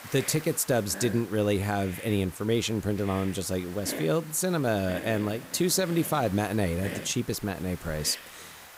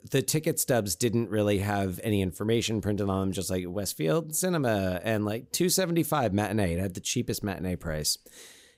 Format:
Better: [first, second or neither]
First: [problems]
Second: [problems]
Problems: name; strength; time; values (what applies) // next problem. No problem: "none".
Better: second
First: hiss; noticeable; throughout; 15 dB below the speech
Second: none